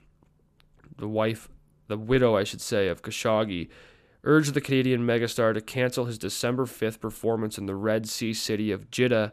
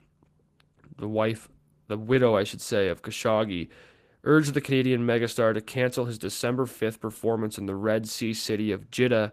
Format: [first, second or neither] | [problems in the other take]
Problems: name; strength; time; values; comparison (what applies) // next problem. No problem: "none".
first | garbled, watery; slightly; nothing above 14.5 kHz